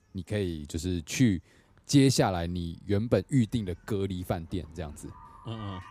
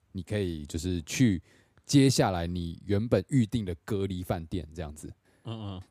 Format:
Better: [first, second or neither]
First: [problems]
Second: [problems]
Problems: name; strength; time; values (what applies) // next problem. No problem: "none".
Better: second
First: animal sounds; faint; throughout; 25 dB below the speech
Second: none